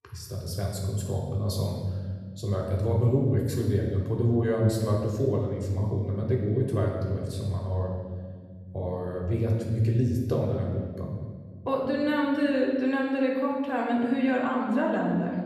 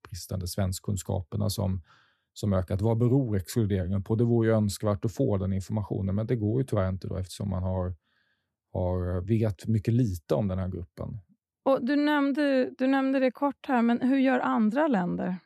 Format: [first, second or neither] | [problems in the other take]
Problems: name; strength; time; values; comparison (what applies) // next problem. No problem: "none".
second | room echo; noticeable; dies away in 1.5 s // off-mic speech; far